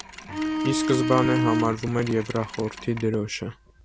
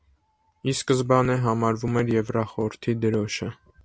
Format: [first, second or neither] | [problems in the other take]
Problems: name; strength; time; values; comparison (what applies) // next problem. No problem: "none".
second | background sound (Bowed string instrument + Mechanisms); 3 dB below the speech